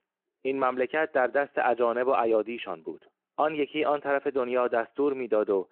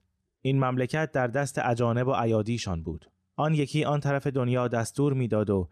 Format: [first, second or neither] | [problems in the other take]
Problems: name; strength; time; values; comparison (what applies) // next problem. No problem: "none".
second | phone-call audio